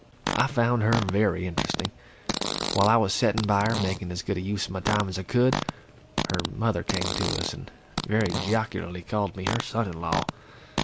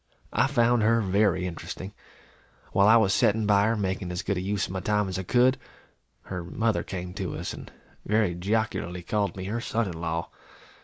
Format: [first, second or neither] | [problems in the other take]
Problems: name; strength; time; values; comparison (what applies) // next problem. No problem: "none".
second | background sound (Fart); 5 dB below the speech